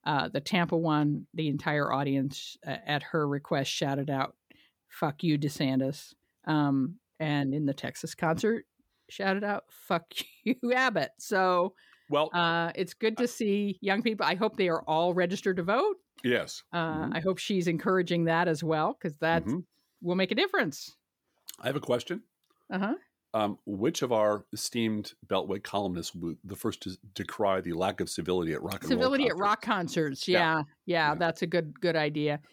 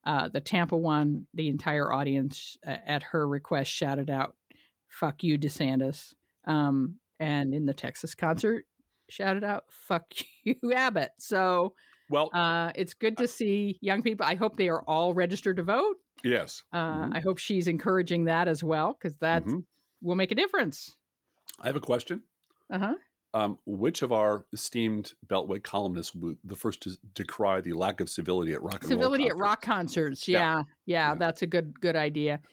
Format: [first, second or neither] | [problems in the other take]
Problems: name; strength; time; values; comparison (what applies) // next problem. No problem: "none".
first | garbled, watery; slightly